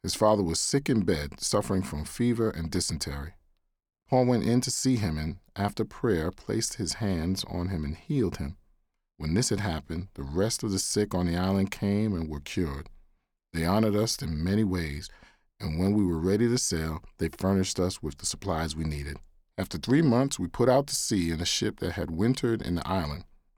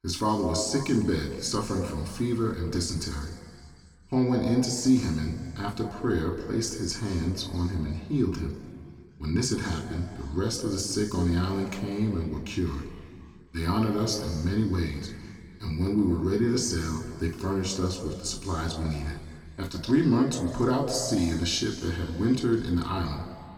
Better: first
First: none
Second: room echo; noticeable; dies away in 2 s // off-mic speech; somewhat distant

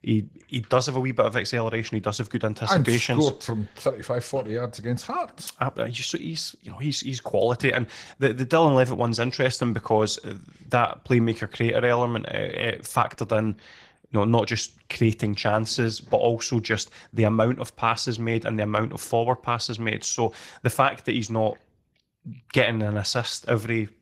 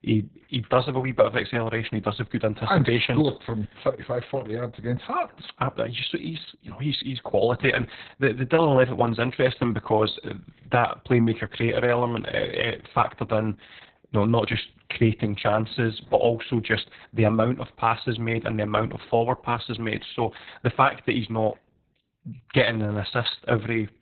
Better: first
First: garbled, watery; slightly; nothing above 15.5 kHz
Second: garbled, watery; badly; nothing above 4 kHz

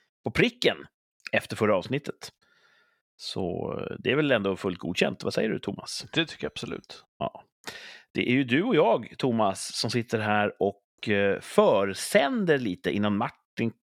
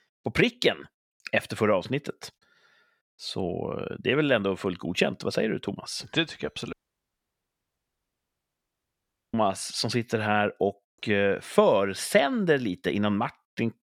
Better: first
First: none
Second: audio cutting out; at 6.5 s for 2.5 s

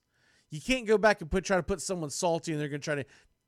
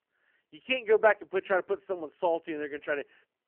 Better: first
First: none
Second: phone-call audio; poor line; nothing above 2.5 kHz

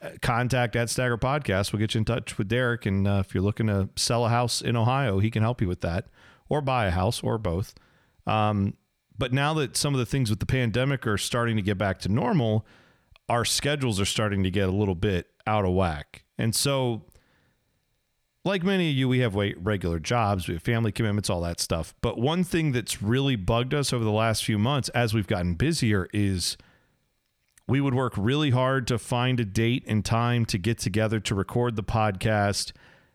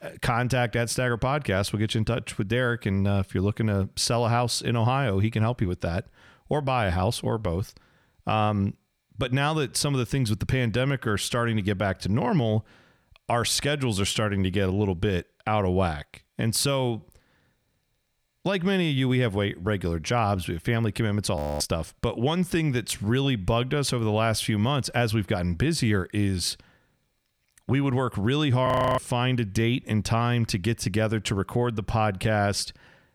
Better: first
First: none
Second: audio freezing; at 21 s and at 29 s

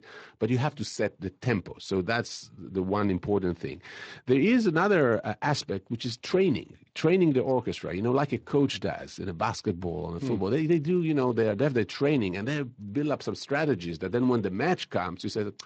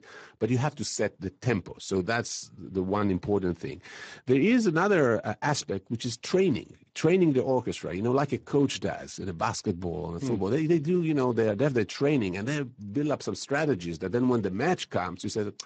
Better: first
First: garbled, watery; slightly; nothing above 8 kHz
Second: garbled, watery; badly; nothing above 7.5 kHz

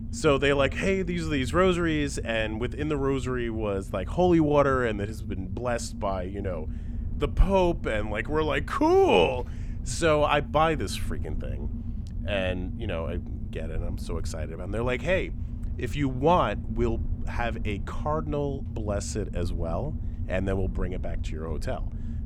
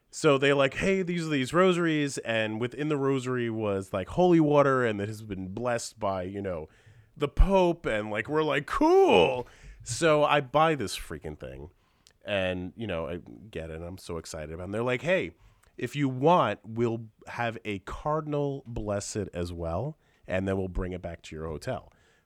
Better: second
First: low rumble; faint; throughout; 20 dB below the speech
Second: none

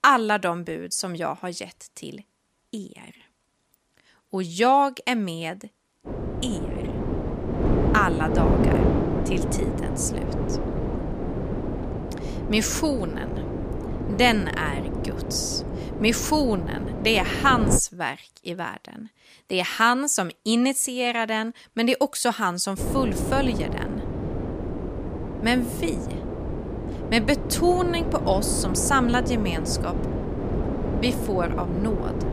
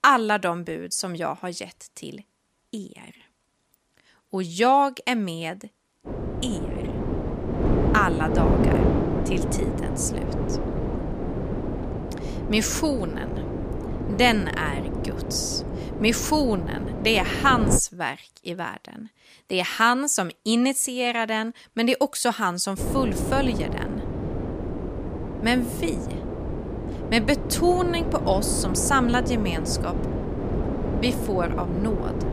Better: neither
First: wind noise on the microphone; heavy; from 6 to 18 s and from 23 s on; 8 dB below the speech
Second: wind noise on the microphone; heavy; from 6 to 18 s and from 23 s on; 8 dB below the speech

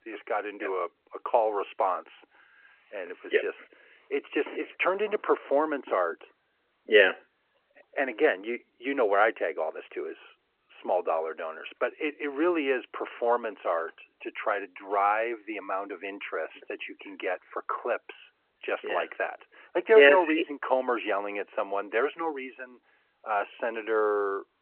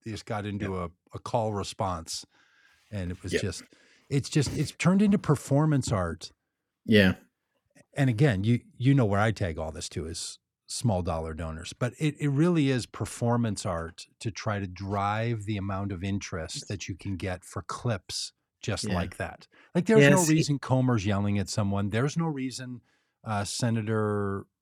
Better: second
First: phone-call audio; nothing above 3 kHz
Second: none

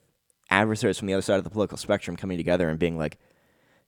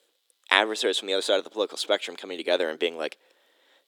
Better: first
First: none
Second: thin; somewhat; fading below 350 Hz

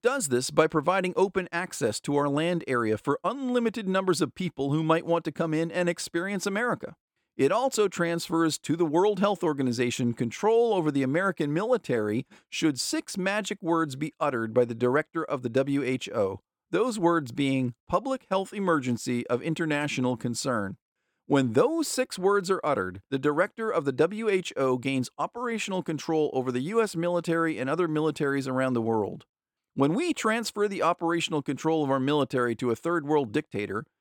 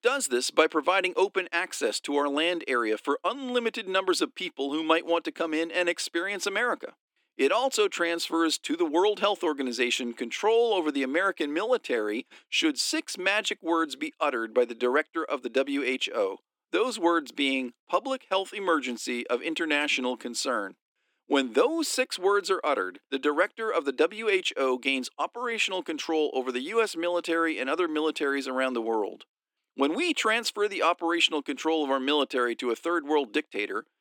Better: first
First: none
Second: thin; very slightly; fading below 250 Hz

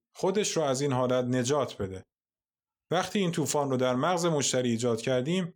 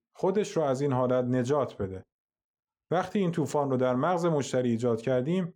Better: first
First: none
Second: muffled; slightly; fading above 2 kHz

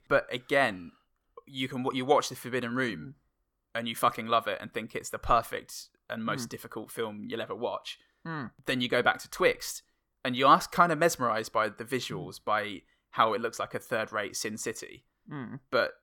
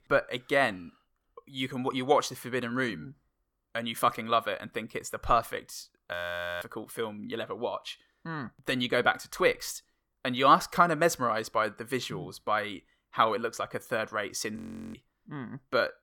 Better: first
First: none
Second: audio freezing; at 6 s and at 15 s

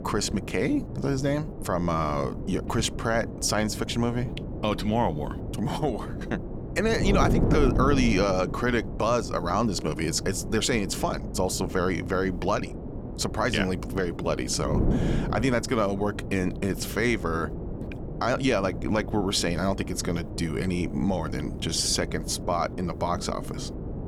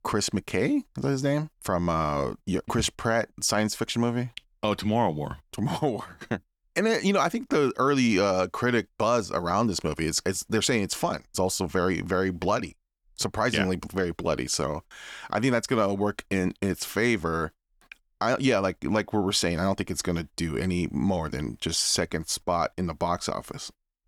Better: second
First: wind noise on the microphone; occasional gusts; 10 dB below the speech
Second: none

